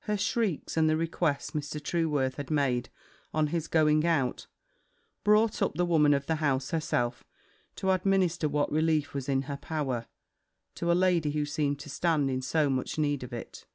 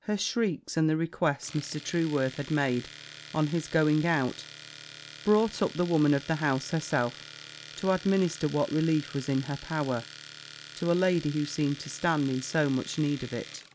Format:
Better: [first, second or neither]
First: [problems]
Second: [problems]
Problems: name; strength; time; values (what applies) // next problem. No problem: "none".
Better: first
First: none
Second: background sound (Domestic sounds, home sounds); 17 dB below the speech